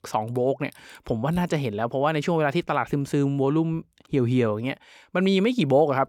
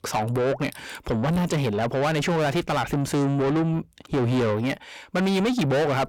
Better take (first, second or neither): first